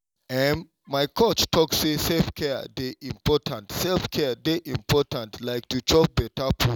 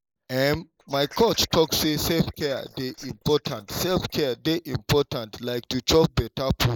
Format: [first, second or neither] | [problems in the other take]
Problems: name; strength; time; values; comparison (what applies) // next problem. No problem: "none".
first | noise reduction (neural mask model Resemble Enhance denoiser)